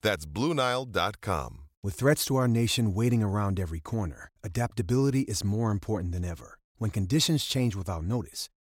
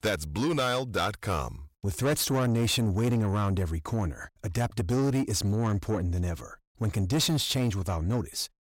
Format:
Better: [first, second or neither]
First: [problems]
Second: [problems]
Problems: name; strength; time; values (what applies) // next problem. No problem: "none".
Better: first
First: none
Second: distortion; slight; 10 dB below the speech